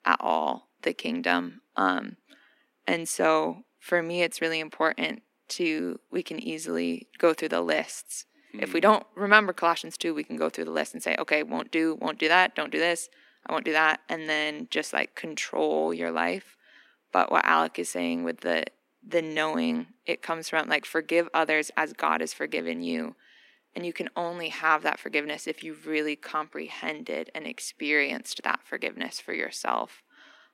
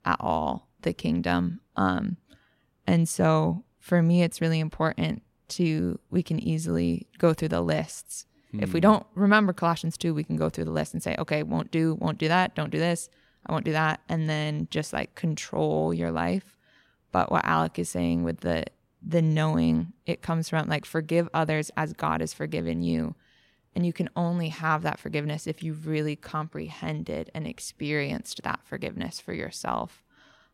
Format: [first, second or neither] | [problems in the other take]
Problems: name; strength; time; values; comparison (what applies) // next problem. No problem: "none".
second | thin; somewhat; fading below 250 Hz